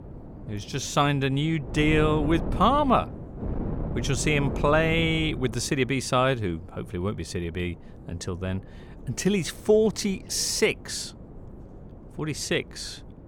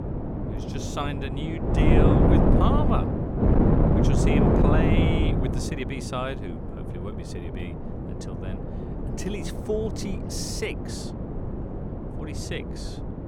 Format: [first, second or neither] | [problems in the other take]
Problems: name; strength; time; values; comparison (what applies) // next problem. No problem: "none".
first | wind noise on the microphone; heavy; 2 dB above the speech; occasional gusts in the first